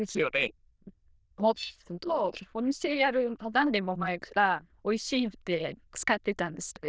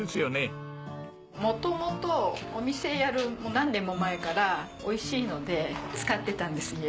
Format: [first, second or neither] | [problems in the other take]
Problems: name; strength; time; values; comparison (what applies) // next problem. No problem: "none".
second | noise reduction (neural diffusion model UNIVERSE++)